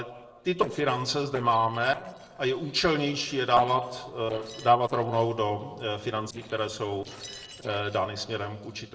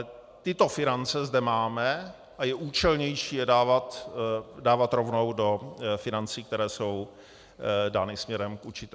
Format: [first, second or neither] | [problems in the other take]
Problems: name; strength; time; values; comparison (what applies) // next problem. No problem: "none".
second | noise reduction (neural separator model SepFormer DNS4)